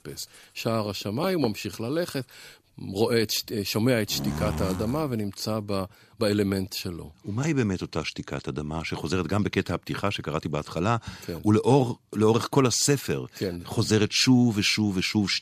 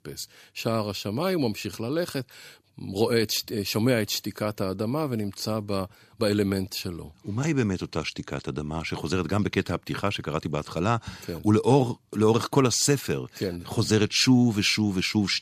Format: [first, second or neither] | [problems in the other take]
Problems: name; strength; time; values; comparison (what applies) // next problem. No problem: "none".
second | household noises; loud; until 5 s; 8 dB below the speech